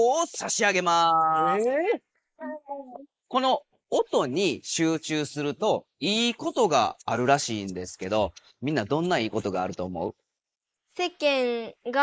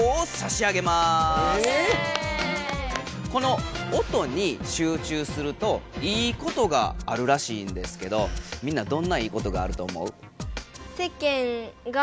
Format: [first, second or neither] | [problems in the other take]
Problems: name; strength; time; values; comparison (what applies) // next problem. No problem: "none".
second | noise reduction (neural mask model Resemble Enhance denoiser)